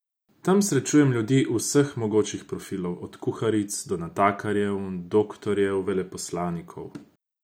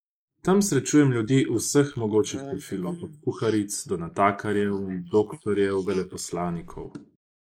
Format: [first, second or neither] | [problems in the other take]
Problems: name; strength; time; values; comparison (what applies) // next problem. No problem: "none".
first | noise reduction (neural mask model Resemble Enhance denoiser)